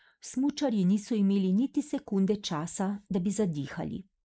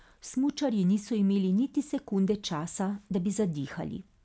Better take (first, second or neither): second